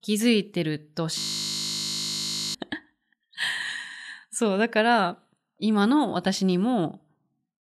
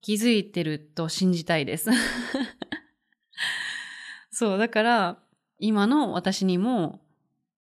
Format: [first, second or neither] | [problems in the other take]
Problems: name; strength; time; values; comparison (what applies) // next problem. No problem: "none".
second | audio freezing; at 1 s for 1.5 s